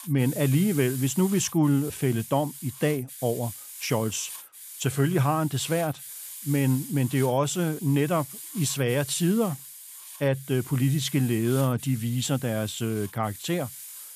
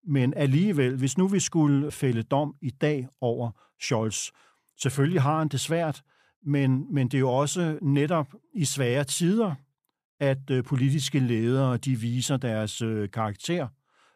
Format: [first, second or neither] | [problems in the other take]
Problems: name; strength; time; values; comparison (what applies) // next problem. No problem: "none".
second | hiss; noticeable; throughout; 10 dB below the speech